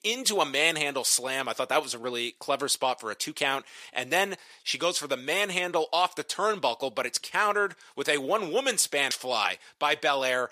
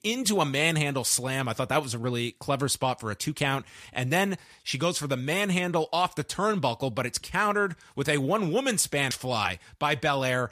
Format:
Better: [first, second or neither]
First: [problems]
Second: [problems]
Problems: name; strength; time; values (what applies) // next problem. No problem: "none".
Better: second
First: thin; somewhat; fading below 450 Hz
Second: none